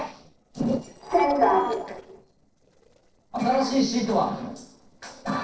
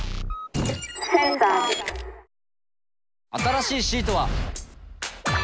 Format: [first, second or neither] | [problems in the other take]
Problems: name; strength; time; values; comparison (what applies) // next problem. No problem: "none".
second | noise reduction (neural separator model SepFormer DNS4)